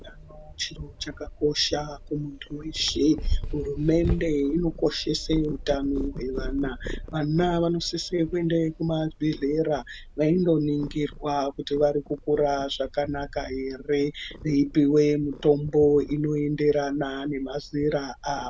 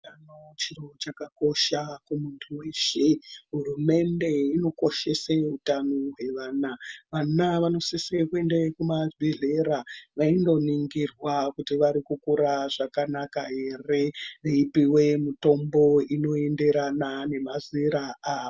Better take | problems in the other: second | background sound (Purr); 11 dB below the speech

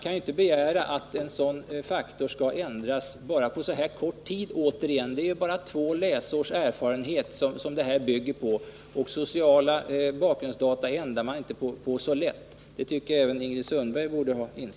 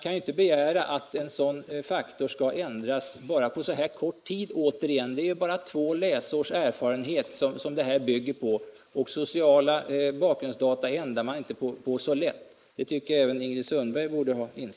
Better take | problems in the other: first | noise reduction (neural mask model Resemble Enhance denoiser)

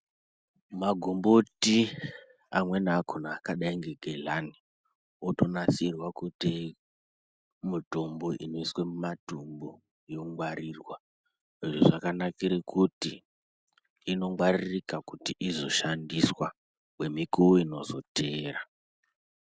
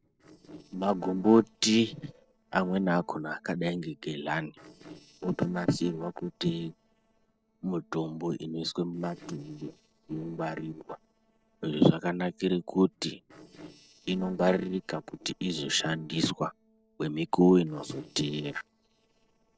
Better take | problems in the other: first | noise reduction (neural separator model SepFormer DNS4)

